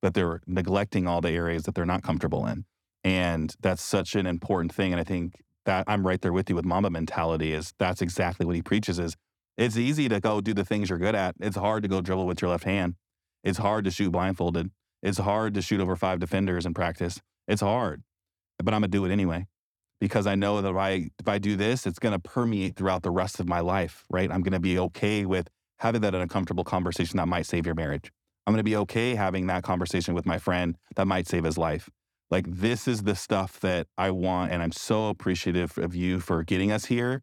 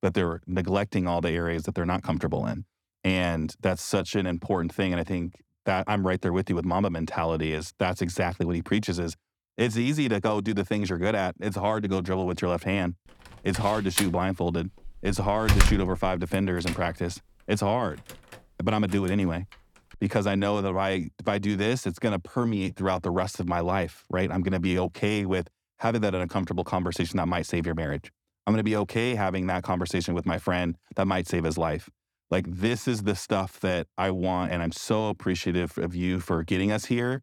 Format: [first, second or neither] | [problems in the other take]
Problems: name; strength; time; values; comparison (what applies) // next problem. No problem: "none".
first | door banging; loud; from 14 to 17 s; peak 5 dB above the speech